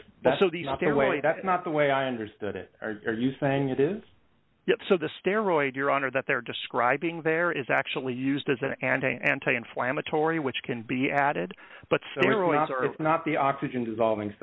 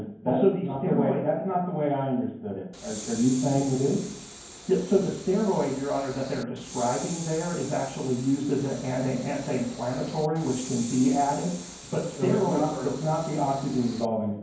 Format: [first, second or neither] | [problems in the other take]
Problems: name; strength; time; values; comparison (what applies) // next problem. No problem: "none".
first | background sound (Train); 15 dB below the speech // room echo; dies away in 0.9 s